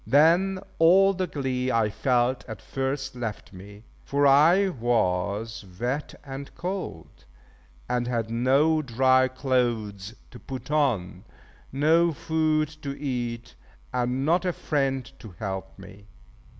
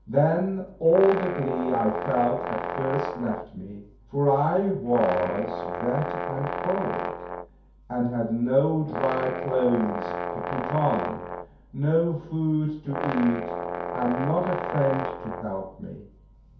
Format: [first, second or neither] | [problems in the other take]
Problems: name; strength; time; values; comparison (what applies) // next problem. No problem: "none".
first | background sound (Brass instrument); 6 dB below the speech // room echo; dies away in 0.6 s